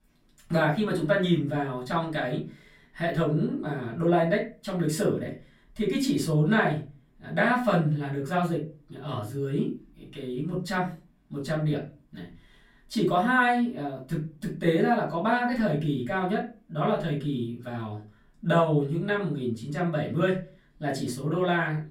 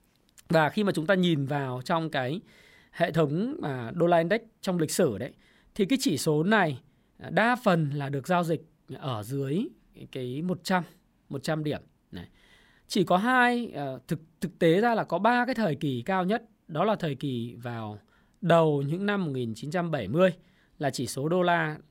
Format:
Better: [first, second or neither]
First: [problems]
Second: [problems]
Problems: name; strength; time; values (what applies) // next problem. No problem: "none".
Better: second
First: off-mic speech; far // room echo; slight; dies away in 0.3 s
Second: none